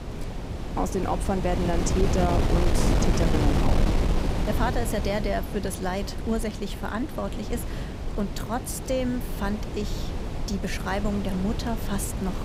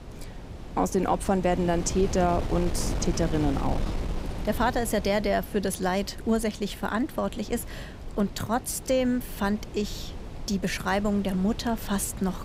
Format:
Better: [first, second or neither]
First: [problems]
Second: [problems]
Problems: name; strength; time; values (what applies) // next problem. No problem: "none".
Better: second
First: wind noise on the microphone; heavy; 3 dB below the speech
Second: wind noise on the microphone; occasional gusts; 15 dB below the speech